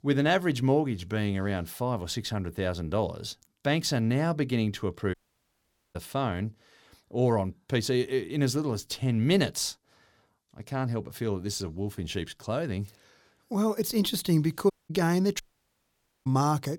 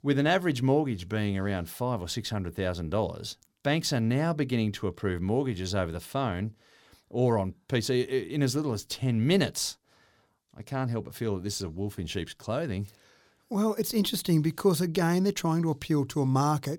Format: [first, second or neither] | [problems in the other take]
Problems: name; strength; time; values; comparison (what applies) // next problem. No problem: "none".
second | audio cutting out; at 5 s for 1 s and at 15 s for 1 s